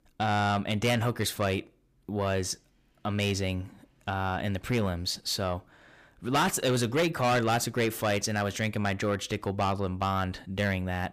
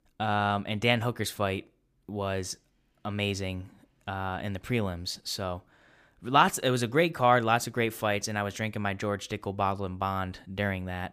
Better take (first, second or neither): second